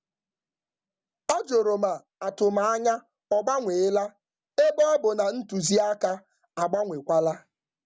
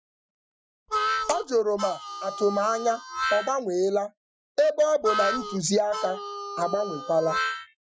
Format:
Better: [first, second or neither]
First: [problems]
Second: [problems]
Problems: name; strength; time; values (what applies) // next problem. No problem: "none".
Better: first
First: none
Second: noise reduction (classical method Wiener filter)